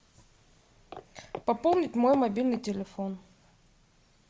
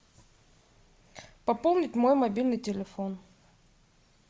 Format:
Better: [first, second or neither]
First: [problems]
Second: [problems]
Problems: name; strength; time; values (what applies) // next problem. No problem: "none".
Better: second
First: background sound (Walk, footsteps); 14 dB below the speech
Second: none